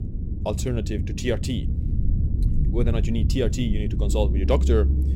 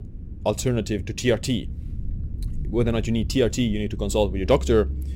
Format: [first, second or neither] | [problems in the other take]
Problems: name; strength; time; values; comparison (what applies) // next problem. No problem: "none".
second | low rumble; loud; throughout; 9 dB below the speech; faint in the second